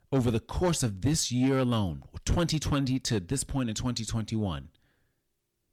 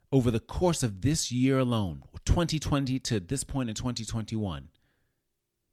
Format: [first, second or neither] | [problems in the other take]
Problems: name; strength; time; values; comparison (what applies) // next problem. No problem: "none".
second | distortion; slight; 10 dB below the speech